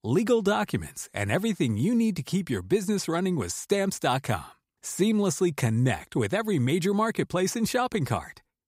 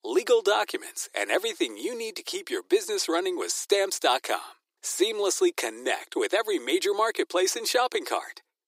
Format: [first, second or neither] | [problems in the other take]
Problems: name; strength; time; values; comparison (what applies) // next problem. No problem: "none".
first | thin; very; fading below 350 Hz